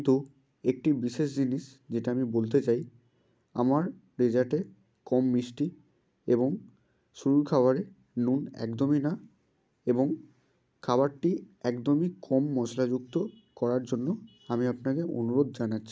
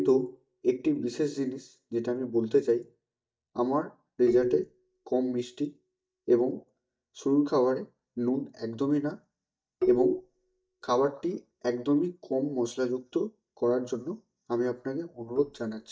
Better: first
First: none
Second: noise reduction (neural mask model DeepFilterNet 3)

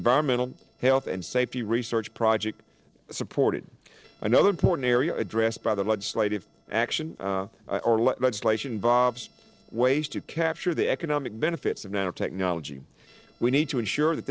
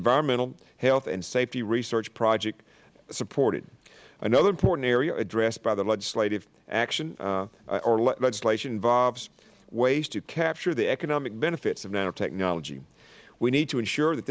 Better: second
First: noise reduction (neural separator model SepFormer DNS4)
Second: none

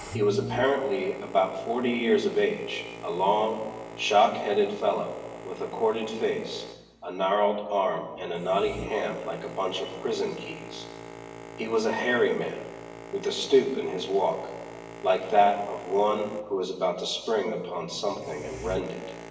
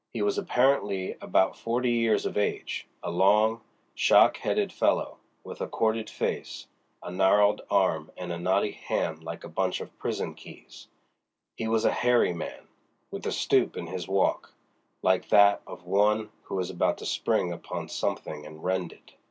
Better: second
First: background sound (Boat, Water vehicle); 14 dB below the speech // room echo; dies away in 1.1 s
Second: none

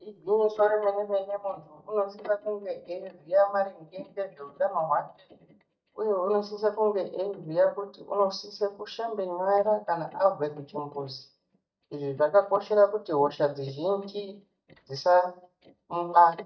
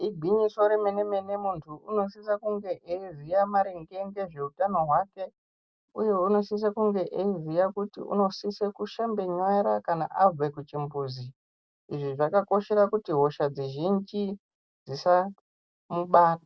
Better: second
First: noise reduction (neural mask model DeepFilterNet 3)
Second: none

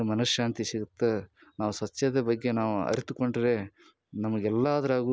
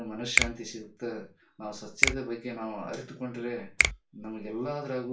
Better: first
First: none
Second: background sound (Finger snapping); 4 dB above the speech // room echo; dies away in 0.3 s

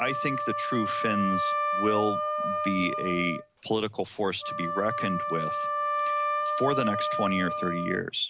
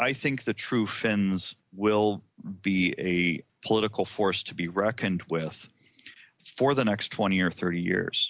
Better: second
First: background sound (Wind instrument, woodwind instrument); as loud as the speech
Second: none

